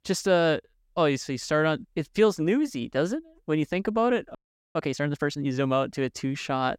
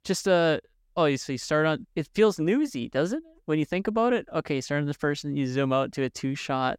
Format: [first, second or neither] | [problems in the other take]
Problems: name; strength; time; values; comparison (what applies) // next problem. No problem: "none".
second | audio freezing; at 4.5 s